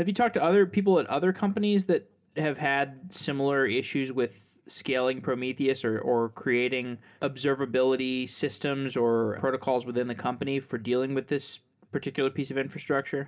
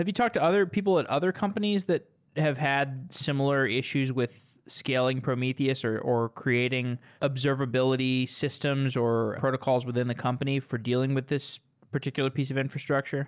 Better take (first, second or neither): second